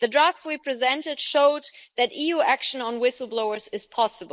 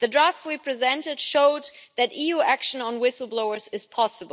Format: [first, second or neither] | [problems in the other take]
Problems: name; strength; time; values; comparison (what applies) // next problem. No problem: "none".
second | noise reduction (neural mask model Resemble Enhance denoiser)